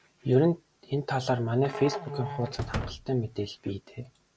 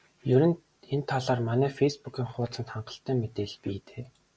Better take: second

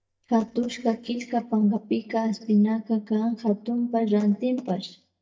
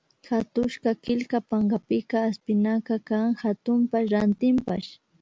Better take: second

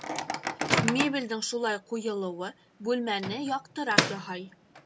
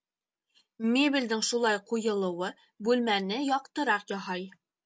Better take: second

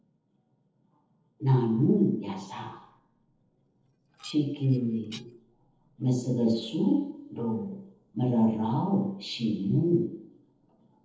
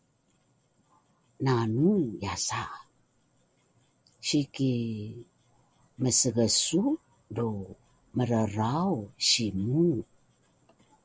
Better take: second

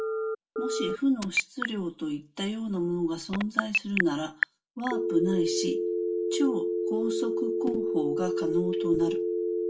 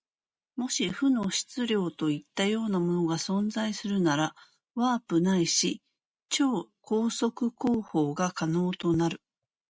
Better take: second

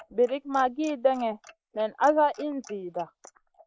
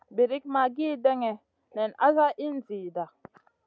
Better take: second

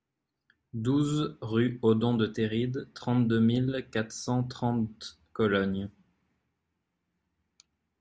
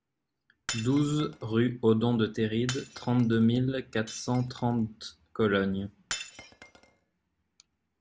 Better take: first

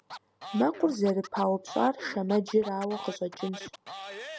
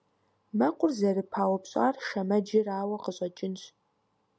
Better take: second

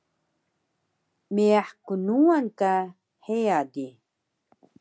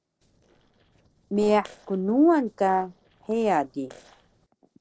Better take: first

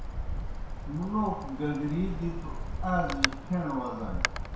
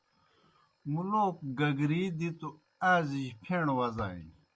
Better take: second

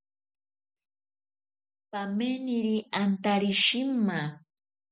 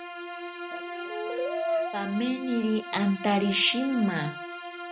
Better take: first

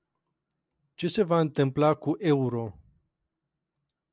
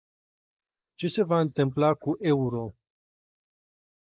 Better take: first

